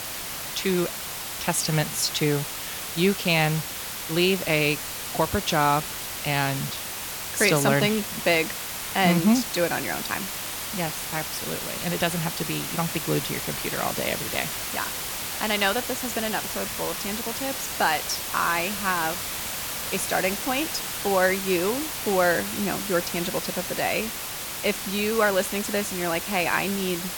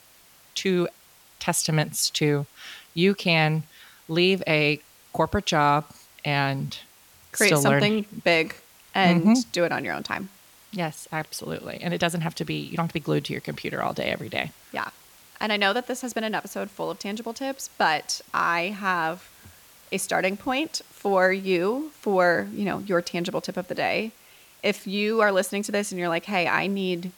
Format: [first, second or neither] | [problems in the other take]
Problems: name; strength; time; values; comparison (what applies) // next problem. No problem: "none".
second | hiss; loud; throughout; 4 dB below the speech; faint in the second